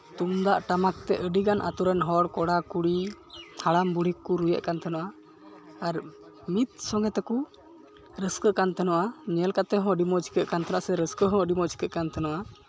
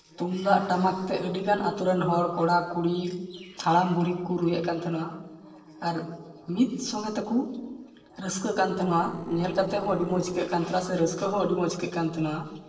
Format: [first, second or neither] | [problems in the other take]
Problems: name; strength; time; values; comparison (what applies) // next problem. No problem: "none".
first | noise reduction (neural separator model SepFormer DNS4)